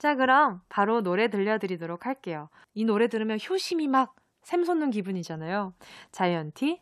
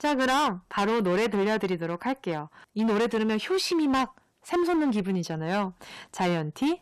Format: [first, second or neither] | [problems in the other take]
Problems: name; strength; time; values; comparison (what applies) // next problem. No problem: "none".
first | distortion; heavy; 19% of the sound clipped